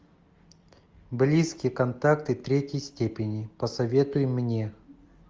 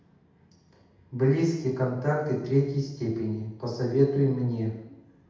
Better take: first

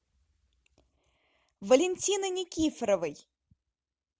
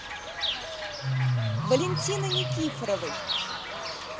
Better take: first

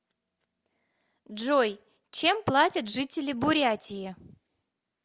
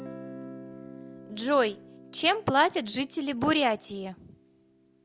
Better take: first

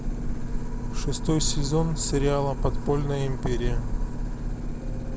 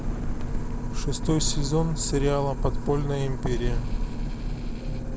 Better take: first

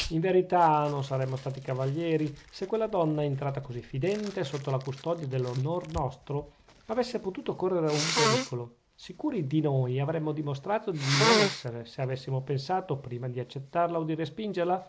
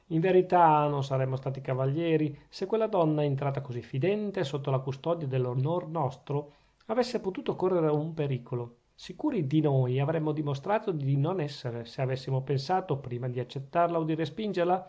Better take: second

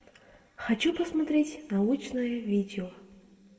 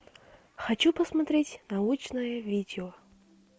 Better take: second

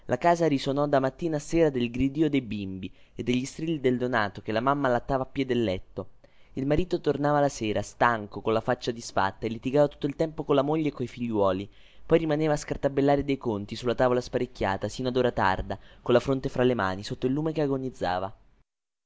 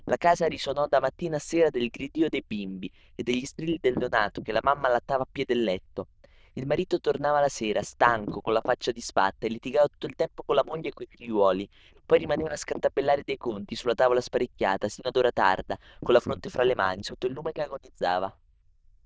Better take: first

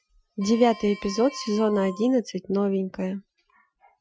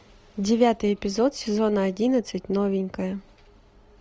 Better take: second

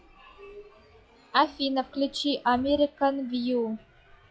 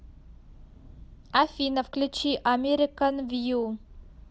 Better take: second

